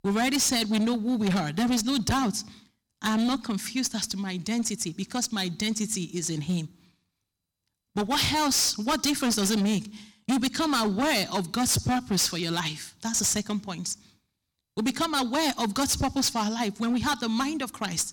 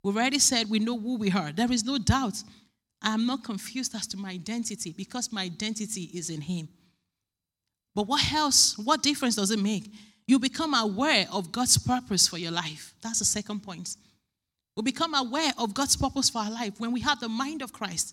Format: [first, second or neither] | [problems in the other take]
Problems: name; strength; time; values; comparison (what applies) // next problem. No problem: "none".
second | distortion; heavy; 15% of the sound clipped